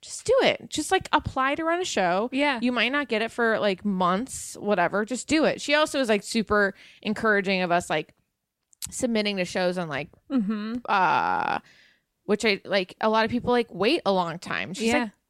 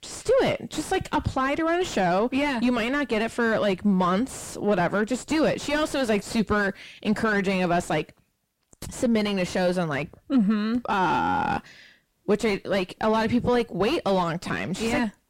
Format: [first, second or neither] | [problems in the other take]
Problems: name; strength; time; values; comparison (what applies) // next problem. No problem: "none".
first | distortion; heavy; 6 dB below the speech